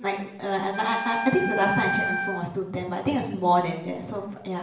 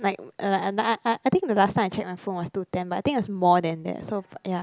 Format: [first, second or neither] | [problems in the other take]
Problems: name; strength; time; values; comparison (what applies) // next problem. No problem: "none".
second | background sound (Wind instrument, woodwind instrument); 3 dB below the speech // room echo; dies away in 0.8 s